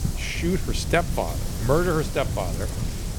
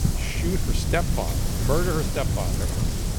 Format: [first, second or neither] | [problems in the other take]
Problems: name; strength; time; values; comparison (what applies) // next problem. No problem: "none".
first | wind noise on the microphone; heavy; 4 dB below the speech; occasional gusts in the first